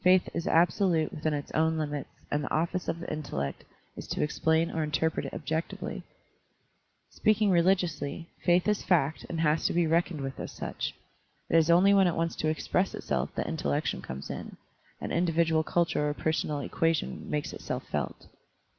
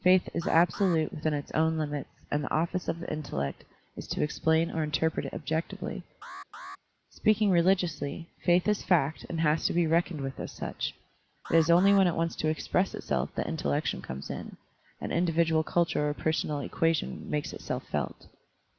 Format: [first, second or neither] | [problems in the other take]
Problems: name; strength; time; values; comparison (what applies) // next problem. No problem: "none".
first | background sound (Alarm); 18 dB below the speech